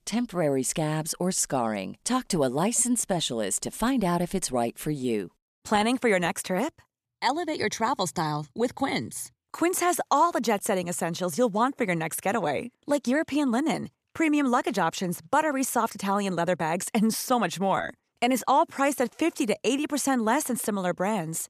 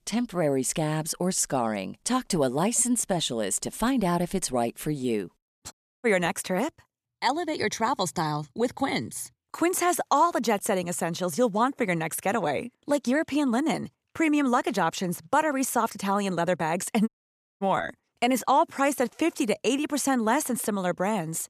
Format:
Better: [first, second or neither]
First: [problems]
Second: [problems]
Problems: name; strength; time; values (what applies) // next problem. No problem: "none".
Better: first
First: none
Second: audio cutting out; at 5.5 s and at 17 s for 0.5 s